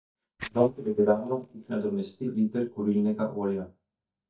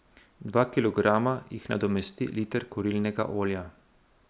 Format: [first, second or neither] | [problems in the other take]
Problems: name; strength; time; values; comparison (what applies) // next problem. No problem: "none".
second | noise reduction (neural mask model DeepFilterNet 3)